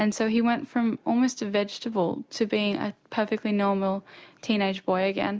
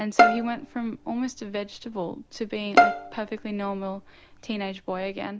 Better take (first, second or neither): first